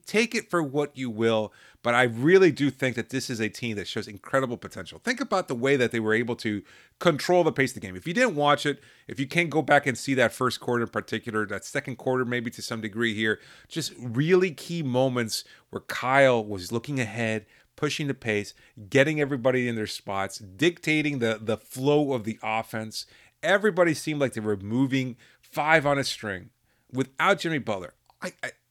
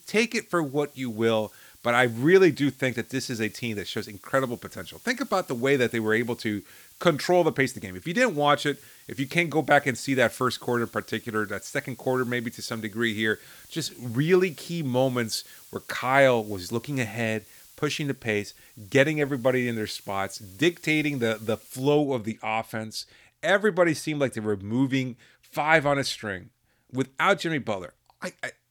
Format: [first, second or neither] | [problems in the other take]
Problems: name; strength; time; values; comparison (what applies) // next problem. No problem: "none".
first | hiss; faint; until 22 s; 25 dB below the speech